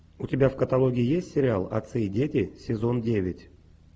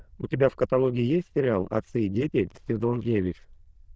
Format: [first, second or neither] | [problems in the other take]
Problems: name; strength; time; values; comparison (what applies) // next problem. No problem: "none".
first | noise reduction (neural diffusion model UNIVERSE++)